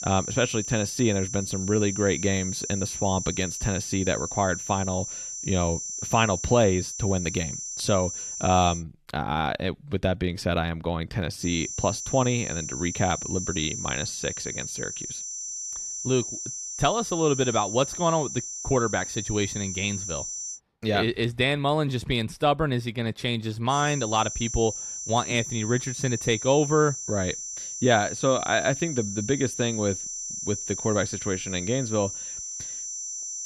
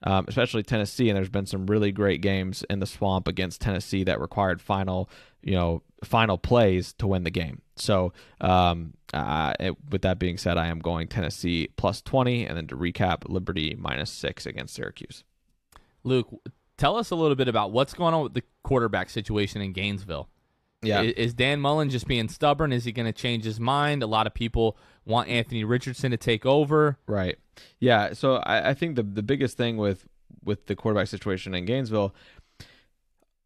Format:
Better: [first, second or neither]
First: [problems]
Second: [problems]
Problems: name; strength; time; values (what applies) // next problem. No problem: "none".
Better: second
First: high-pitched whine; loud; until 9 s, from 11 to 21 s and from 24 s on; 6 kHz, 6 dB below the speech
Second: none